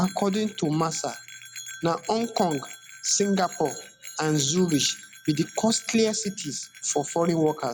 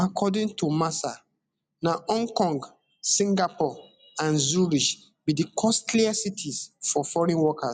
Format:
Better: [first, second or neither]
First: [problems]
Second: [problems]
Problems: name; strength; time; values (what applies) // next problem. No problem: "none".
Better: second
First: background sound (Bell); 16 dB below the speech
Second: none